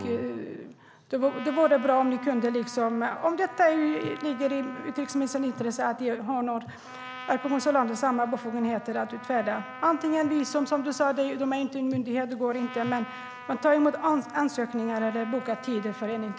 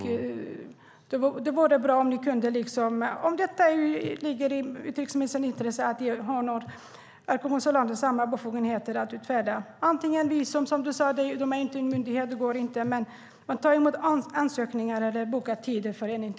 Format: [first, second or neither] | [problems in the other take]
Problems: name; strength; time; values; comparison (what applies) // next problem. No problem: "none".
second | background sound (Trumpet); 16 dB below the speech